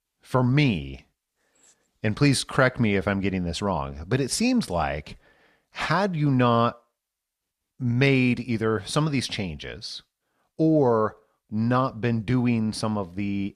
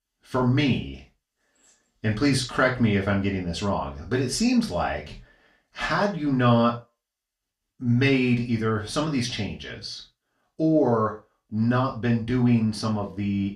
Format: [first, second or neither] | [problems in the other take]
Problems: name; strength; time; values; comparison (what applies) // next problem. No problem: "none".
first | room echo; slight; dies away in 0.2 s // off-mic speech; far